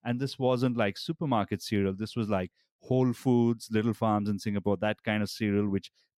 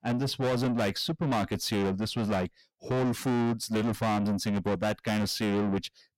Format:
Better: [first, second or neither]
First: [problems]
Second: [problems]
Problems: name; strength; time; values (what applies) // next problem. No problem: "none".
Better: first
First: none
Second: distortion; heavy; 6 dB below the speech